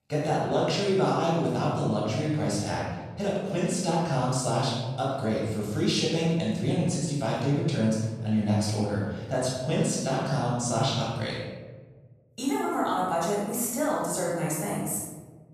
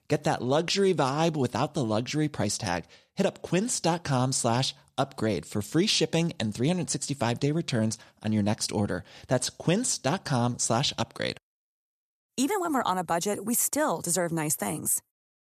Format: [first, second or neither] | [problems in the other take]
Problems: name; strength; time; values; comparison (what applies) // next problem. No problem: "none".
second | off-mic speech; far // room echo; strong; dies away in 1.3 s